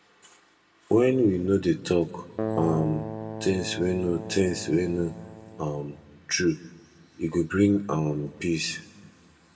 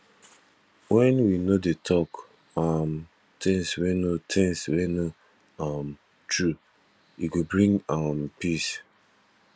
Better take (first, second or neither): second